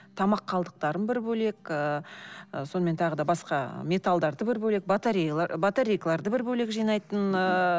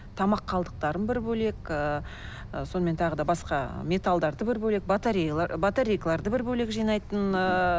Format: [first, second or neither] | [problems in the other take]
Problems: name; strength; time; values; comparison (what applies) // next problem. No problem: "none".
first | background sound (Wind); 13 dB below the speech